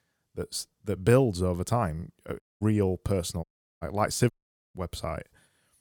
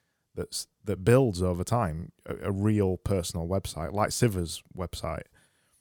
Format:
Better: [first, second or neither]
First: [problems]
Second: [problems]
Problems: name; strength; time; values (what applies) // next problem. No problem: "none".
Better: second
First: audio cutting out; at 2.5 s, at 3.5 s and at 4.5 s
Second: none